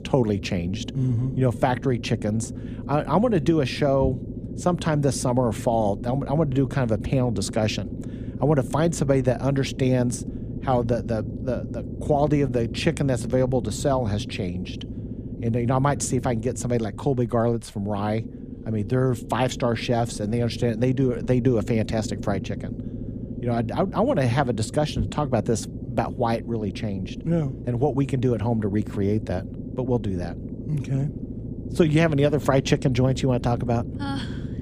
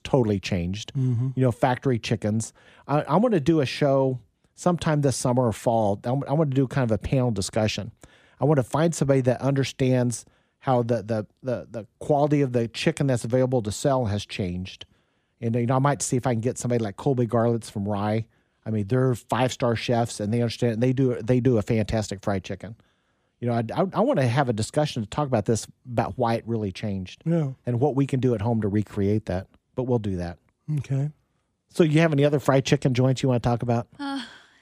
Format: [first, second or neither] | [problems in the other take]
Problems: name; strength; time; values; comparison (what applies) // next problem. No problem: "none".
second | low rumble; noticeable; throughout; 15 dB below the speech